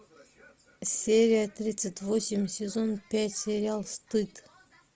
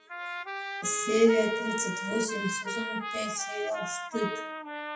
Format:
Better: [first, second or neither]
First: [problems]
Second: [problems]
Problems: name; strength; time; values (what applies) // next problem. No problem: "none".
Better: first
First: none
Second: noise reduction (classical method WPE with log-MMSE)